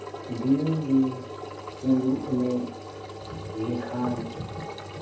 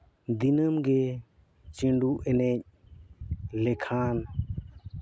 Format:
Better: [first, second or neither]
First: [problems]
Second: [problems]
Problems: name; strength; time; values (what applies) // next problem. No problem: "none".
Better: second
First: background sound (Engine); 10 dB below the speech // room echo; dies away in 0.7 s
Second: none